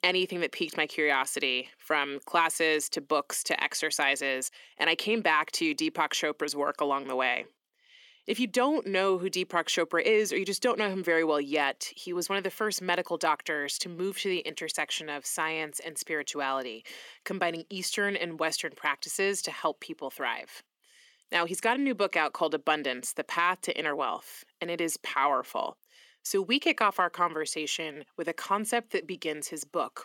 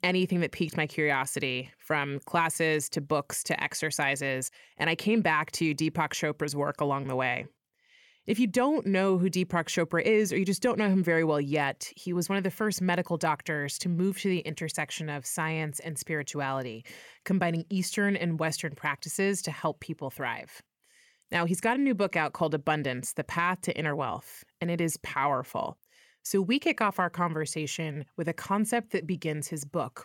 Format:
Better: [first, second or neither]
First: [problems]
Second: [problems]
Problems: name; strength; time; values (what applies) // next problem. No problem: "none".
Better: second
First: thin; somewhat; fading below 250 Hz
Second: none